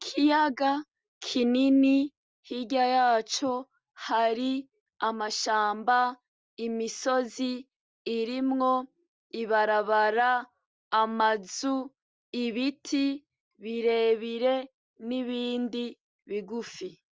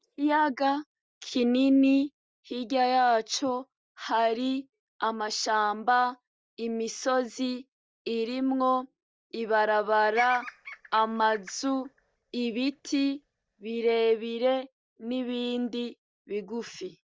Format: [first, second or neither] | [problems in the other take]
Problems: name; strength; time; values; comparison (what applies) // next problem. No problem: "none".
first | noise reduction (neural mask model DeepFilterNet 3)